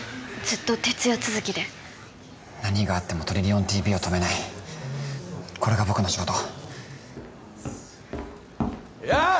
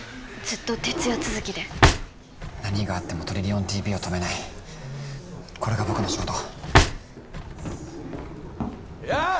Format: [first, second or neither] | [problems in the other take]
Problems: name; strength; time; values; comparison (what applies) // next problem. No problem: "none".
first | background sound (Drawer open or close); 1 dB above the speech